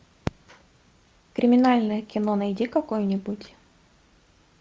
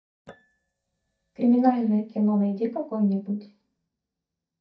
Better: first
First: none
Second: noise reduction (neural mask model DeepFilterNet 3)

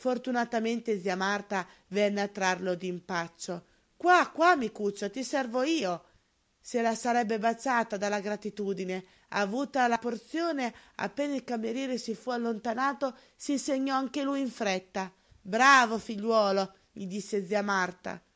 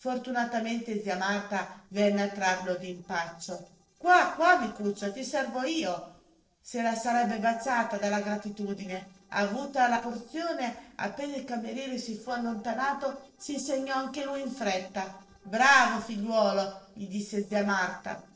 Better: first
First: none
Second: noise reduction (neural separator model SepFormer DNS4)

